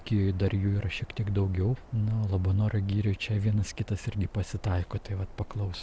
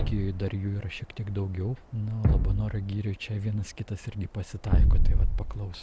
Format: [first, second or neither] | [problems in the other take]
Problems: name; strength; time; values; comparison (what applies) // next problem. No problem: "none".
first | background sound (Thump, thud); 4 dB above the speech